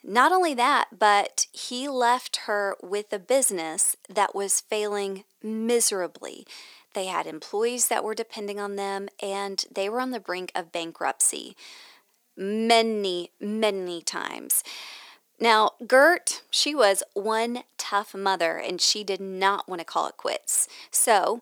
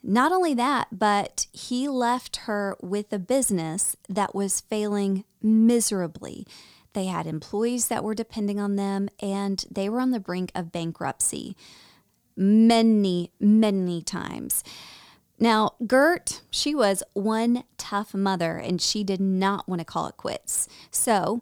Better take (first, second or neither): second